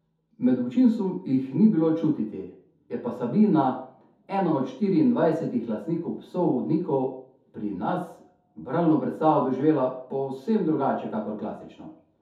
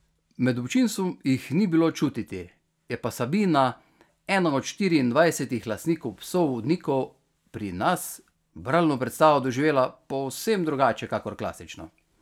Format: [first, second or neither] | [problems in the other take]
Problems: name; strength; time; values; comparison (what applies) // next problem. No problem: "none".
second | room echo; dies away in 0.5 s